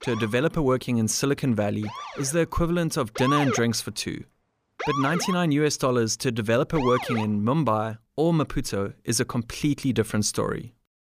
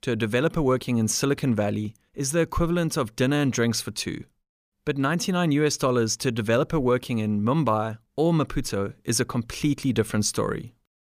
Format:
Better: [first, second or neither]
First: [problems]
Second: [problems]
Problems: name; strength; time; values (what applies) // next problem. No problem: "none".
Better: second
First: siren; noticeable; until 7 s; peak 1 dB below the speech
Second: none